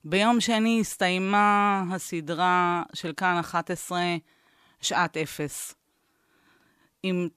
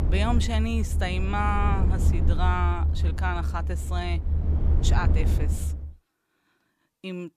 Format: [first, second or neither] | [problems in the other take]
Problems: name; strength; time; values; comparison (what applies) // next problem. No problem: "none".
first | low rumble; loud; until 6 s; 9 dB below the speech